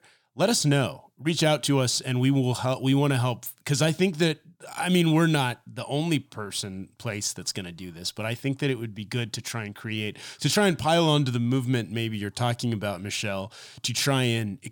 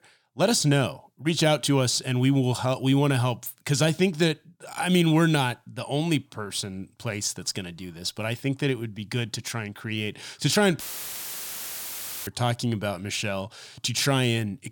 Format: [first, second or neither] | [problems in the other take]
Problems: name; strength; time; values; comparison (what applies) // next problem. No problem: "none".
first | audio cutting out; filled with static; at 11 s for 1.5 s